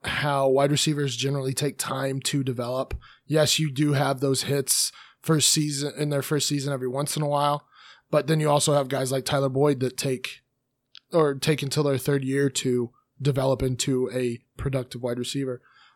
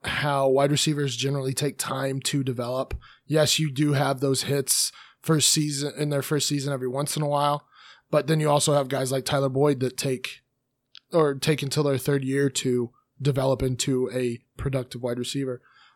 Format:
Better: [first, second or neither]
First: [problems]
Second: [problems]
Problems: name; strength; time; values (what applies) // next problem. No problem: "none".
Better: neither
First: none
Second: none